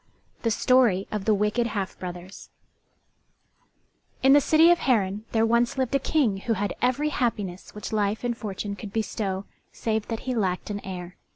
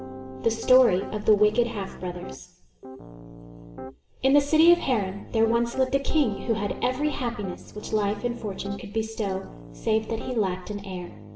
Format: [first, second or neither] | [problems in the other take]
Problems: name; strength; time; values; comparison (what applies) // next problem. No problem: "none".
first | background sound (Piano); 14 dB below the speech // room echo; dies away in 0.6 s